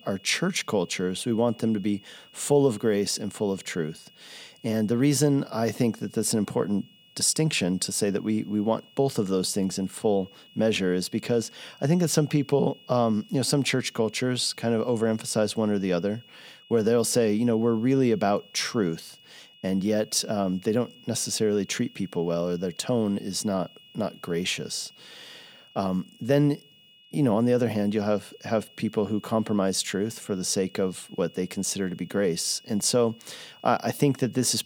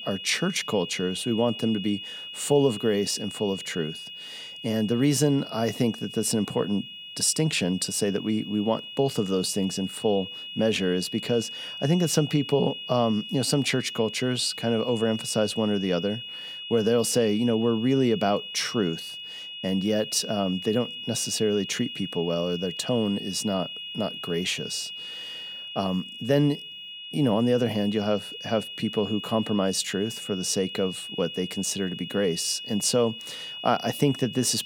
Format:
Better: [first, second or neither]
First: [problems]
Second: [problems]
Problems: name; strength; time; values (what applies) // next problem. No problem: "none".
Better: first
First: high-pitched whine; faint; throughout; 3 kHz, 25 dB below the speech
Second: high-pitched whine; loud; throughout; 3 kHz, 9 dB below the speech